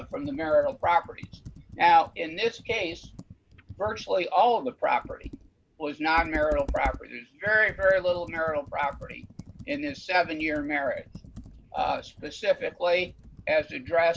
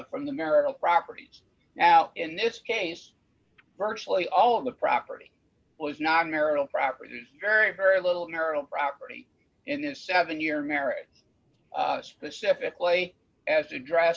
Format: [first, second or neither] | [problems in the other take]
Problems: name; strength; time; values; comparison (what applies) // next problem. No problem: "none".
second | background sound (Computer keyboard); 16 dB below the speech